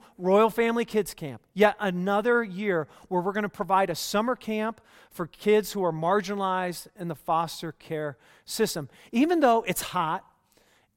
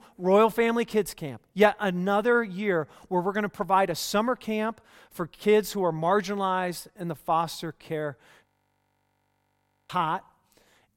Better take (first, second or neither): first